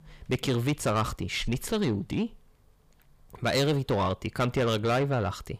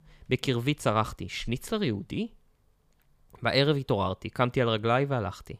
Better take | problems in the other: second | distortion; heavy; 8 dB below the speech

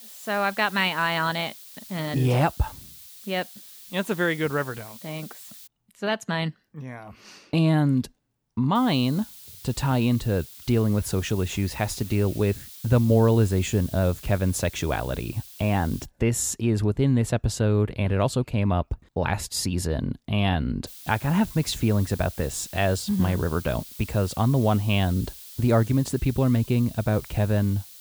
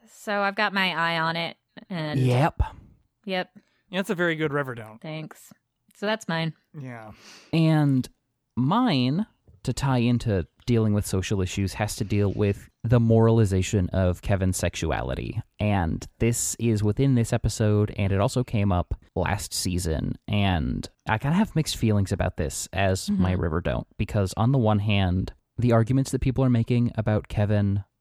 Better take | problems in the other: second | hiss; noticeable; until 5.5 s, from 9 to 16 s and from 21 s on; 15 dB below the speech

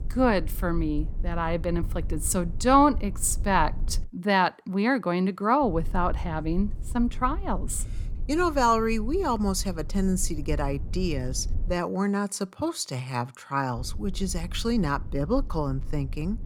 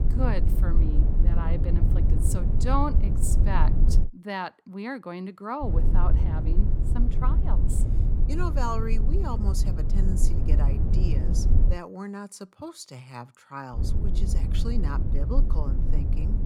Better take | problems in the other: first | low rumble; loud; until 4 s, from 5.5 to 12 s and from 14 s on; 5 dB below the speech; faint in the first

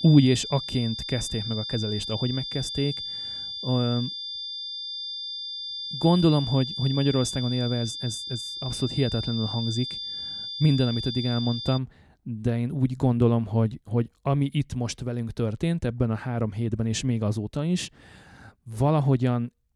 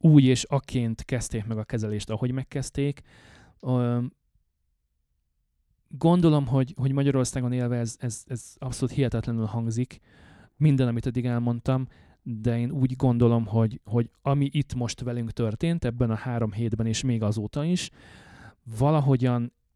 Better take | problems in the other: second | high-pitched whine; loud; until 12 s; 3.5 kHz, 5 dB below the speech

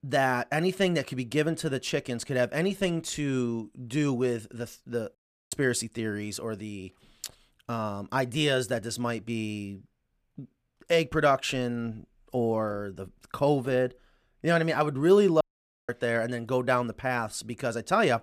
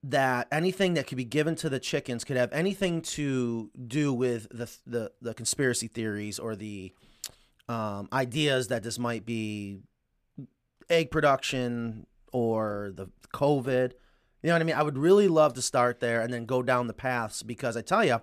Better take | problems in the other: second | audio cutting out; at 5 s and at 15 s

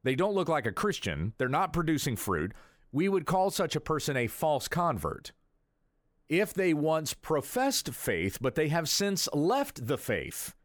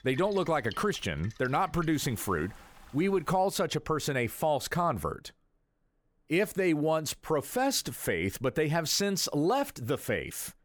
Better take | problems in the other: first | rain or running water; faint; until 3 s; 20 dB below the speech

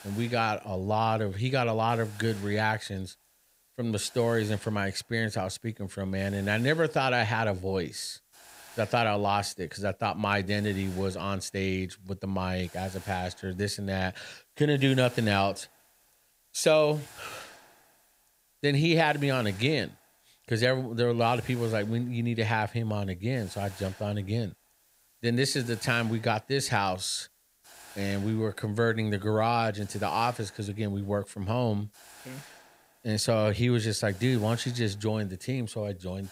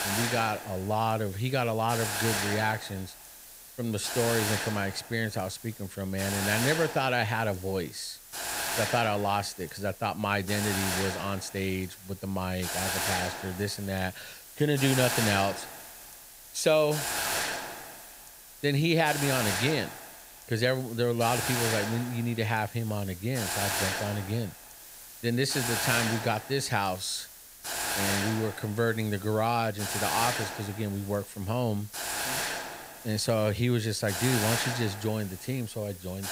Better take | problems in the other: first | hiss; loud; throughout; 2 dB below the speech; faint in the first

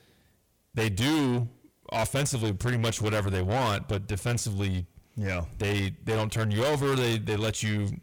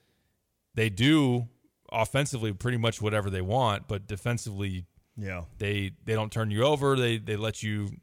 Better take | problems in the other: second | distortion; heavy; 6 dB below the speech

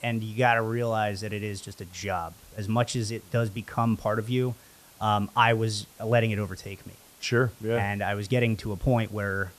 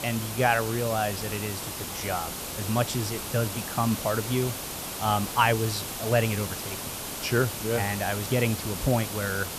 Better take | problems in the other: first | hiss; loud; throughout; 5 dB below the speech; faint in the first

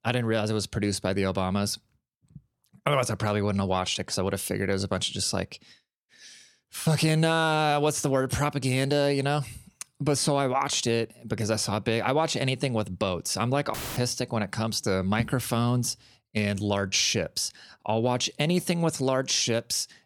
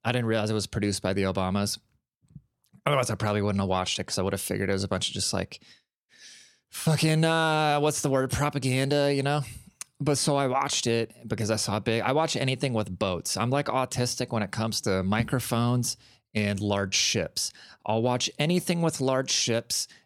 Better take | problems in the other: second | audio cutting out; filled with static; at 14 s

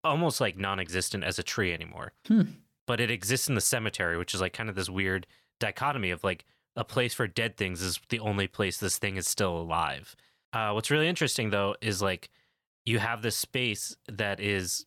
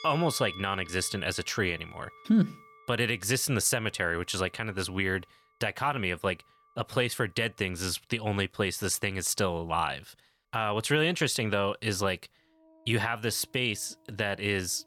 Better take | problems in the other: first | background music; faint; throughout; 20 dB below the speech

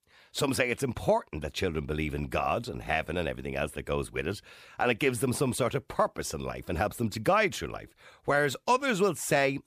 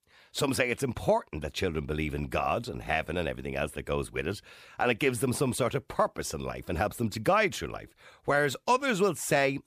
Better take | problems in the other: neither | none

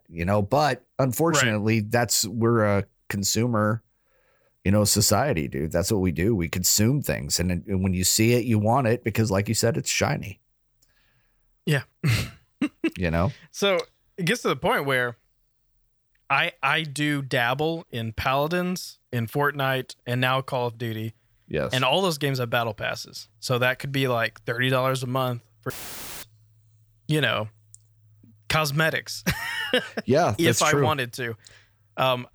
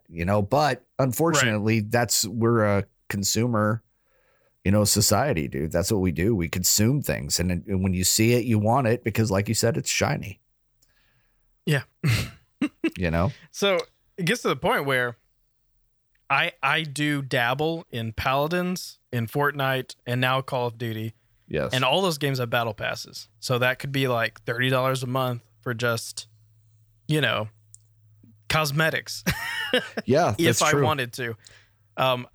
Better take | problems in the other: second | audio cutting out; filled with static; at 26 s for 0.5 s

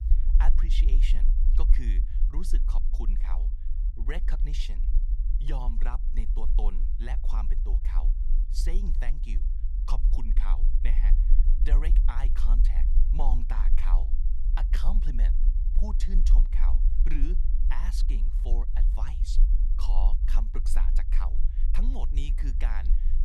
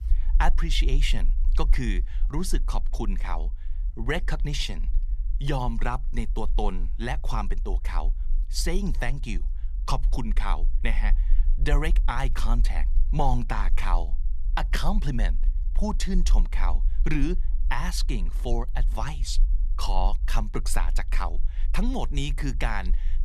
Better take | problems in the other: second | low rumble; loud; throughout; 8 dB below the speech; faint in the second

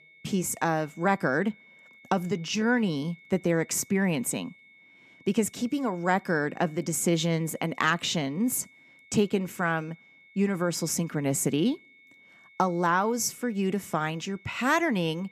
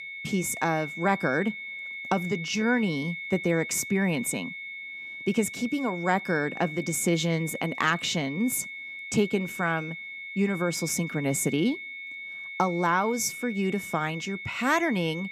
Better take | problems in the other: first | high-pitched whine; loud; throughout; 2 kHz, 9 dB below the speech; faint in the first

